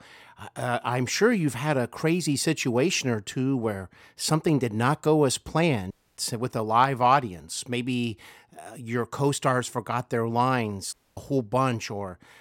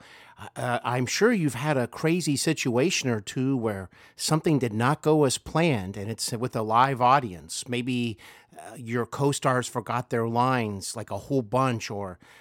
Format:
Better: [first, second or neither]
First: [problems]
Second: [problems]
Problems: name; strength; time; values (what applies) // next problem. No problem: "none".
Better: second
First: audio cutting out; at 6 s and at 11 s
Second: none